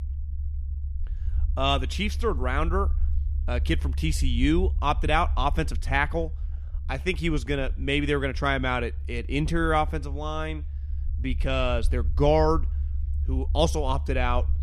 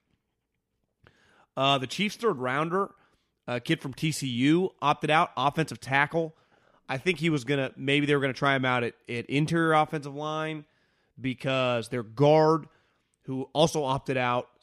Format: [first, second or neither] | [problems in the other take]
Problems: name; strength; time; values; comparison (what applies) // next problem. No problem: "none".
second | low rumble; faint; throughout; 25 dB below the speech